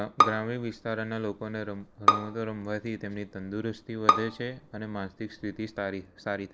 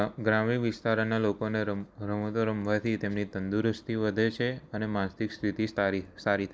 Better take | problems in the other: second | background sound (Bowed string instrument); 3 dB above the speech

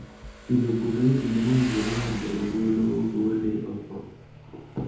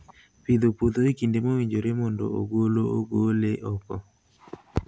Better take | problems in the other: second | background sound (Motorcycle); 13 dB below the speech // room echo; dies away in 2 s

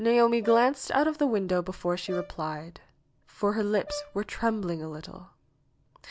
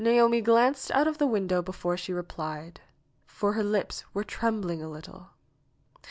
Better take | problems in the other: second | background sound (Brass instrument); 16 dB below the speech

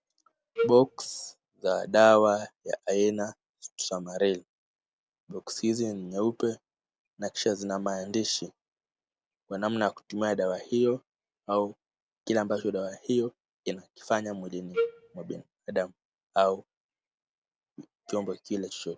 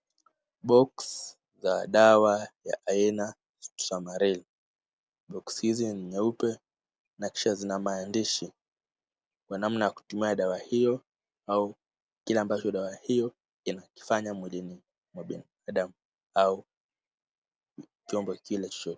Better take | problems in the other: second | background sound (Wind instrument, woodwind instrument); 1 dB below the speech

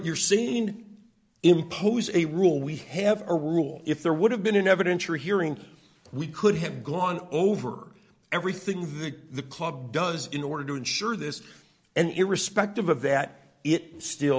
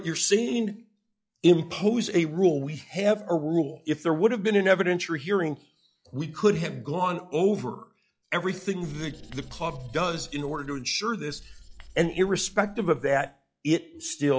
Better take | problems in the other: first | noise reduction (classical method log-MMSE)

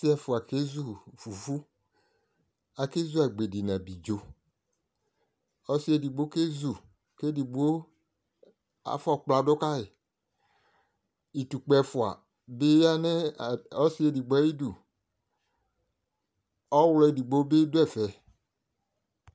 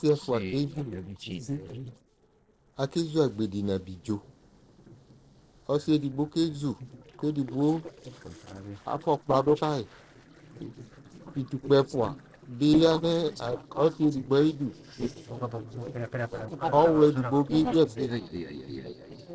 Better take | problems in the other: first | noise reduction (neural separator model SepFormer DNS4)

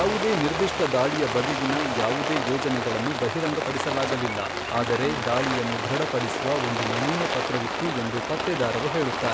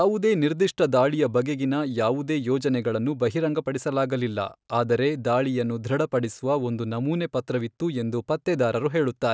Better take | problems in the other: second | background sound (Rain); 1 dB below the speech

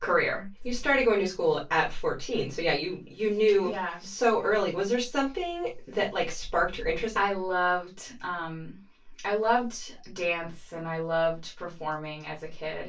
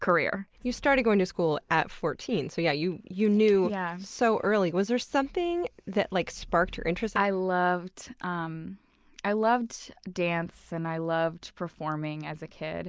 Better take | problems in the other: second | room echo; dies away in 0.1 s

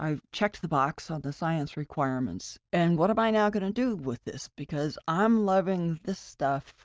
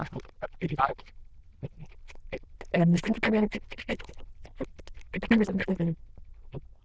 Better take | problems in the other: first | noise reduction (neural diffusion model UNIVERSE++)

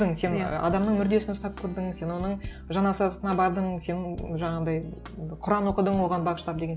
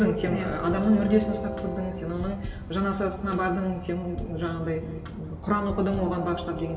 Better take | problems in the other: first | background sound (Train); 10 dB below the speech // room echo; dies away in 1.8 s

